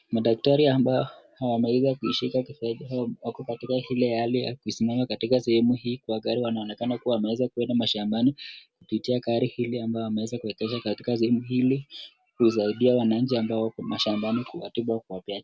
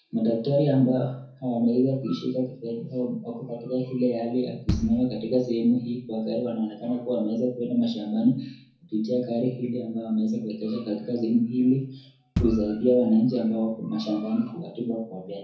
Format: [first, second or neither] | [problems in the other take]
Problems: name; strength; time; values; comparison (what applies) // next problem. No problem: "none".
first | background sound (Bass drum); 8 dB below the speech // room echo; dies away in 0.5 s